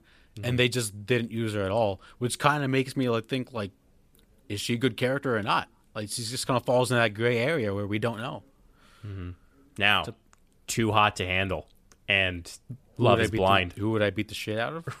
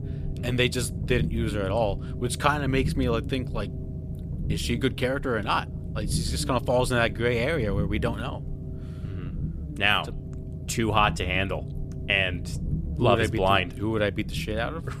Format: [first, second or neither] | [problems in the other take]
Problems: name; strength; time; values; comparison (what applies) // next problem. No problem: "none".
first | low rumble; noticeable; throughout; 15 dB below the speech